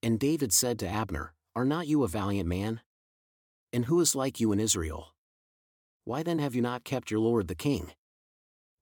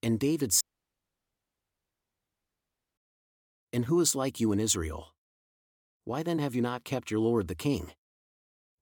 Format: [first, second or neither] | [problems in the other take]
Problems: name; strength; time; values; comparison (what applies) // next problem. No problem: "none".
first | audio cutting out; at 0.5 s for 2.5 s